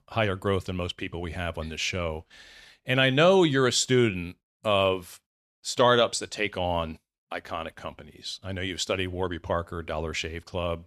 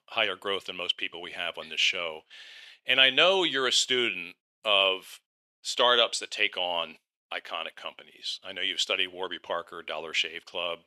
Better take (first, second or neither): first